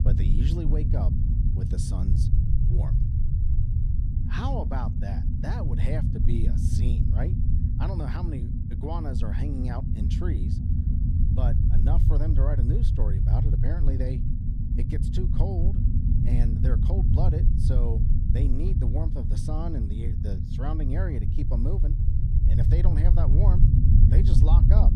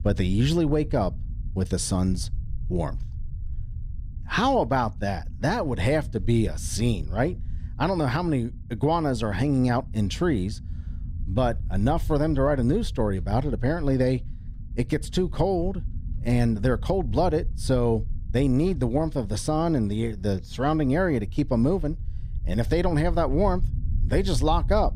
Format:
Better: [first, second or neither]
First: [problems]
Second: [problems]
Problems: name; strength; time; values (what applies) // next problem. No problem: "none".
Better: second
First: low rumble; loud; throughout; 1 dB below the speech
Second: low rumble; faint; throughout; 25 dB below the speech